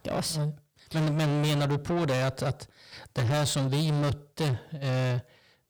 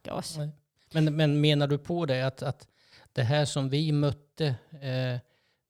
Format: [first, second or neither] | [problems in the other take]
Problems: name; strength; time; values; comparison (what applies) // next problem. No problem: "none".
second | distortion; heavy; 7 dB below the speech